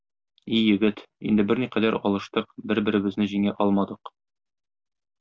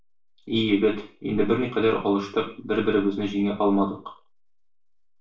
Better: first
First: none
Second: room echo; dies away in 0.3 s

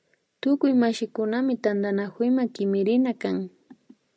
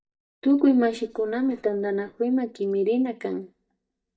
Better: first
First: none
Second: noise reduction (neural mask model DeepFilterNet 3)

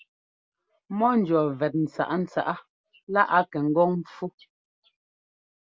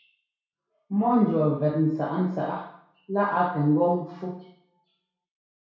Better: first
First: none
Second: room echo; dies away in 0.6 s

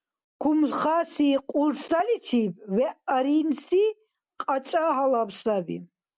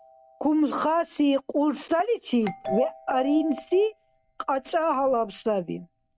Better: first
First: none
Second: noise reduction (neural mask model RNNoise)

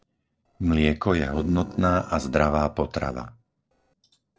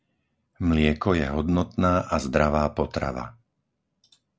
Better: second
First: noise reduction (neural separator model SepFormer DNS4)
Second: none

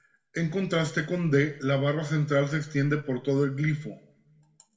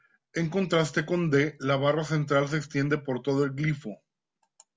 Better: second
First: room echo; dies away in 0.6 s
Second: none

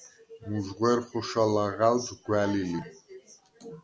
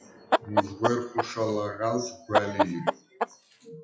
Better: first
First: none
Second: noise reduction (classical method WPE with log-MMSE)

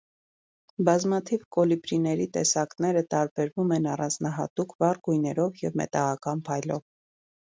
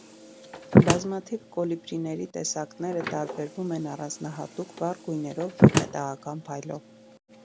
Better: first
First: none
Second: background sound (Slam); 4 dB above the speech

